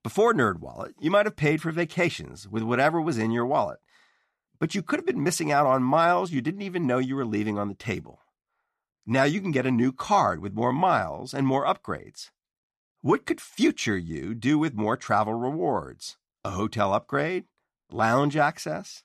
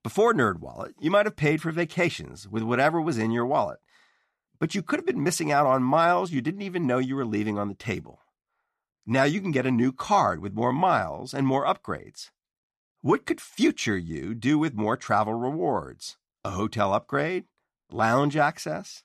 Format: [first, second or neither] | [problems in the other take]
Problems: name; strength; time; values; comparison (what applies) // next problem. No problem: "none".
neither | none